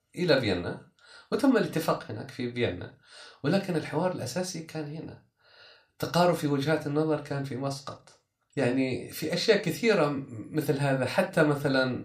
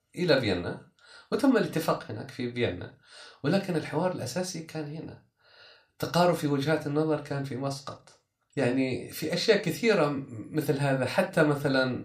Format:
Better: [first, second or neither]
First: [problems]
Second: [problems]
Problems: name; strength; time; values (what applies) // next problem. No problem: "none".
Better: neither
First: room echo; very slight; dies away in 0.3 s // off-mic speech; somewhat distant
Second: room echo; very slight; dies away in 0.3 s // off-mic speech; somewhat distant